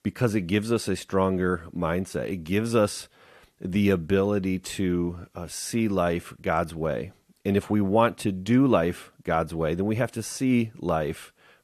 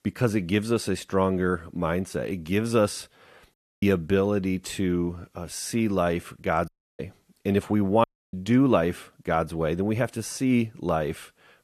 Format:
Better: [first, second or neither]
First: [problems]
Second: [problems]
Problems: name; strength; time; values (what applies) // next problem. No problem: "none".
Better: first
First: none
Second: audio cutting out; at 3.5 s, at 6.5 s and at 8 s